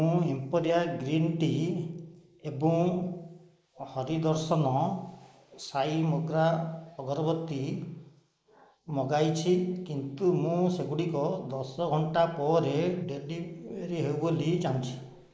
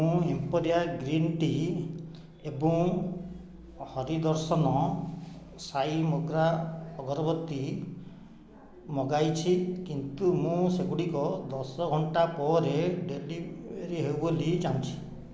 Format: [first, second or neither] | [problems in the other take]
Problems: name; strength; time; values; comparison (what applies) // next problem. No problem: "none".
second | noise reduction (neural mask model Resemble Enhance denoiser)